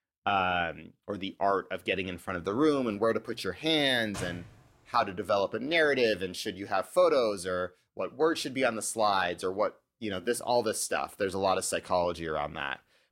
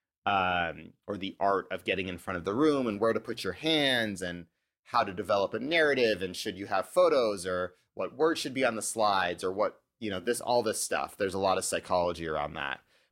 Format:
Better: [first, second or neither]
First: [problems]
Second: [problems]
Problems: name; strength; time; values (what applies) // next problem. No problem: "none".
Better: second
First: door banging; faint; at 4 s; peak 10 dB below the speech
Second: none